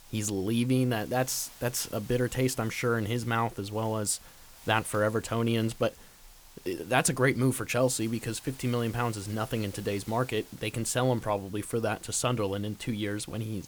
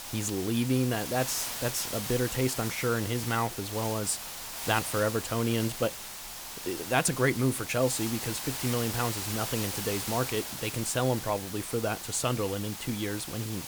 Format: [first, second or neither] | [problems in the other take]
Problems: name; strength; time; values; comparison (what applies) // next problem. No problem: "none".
first | hiss; loud; throughout; 5 dB below the speech; faint in the first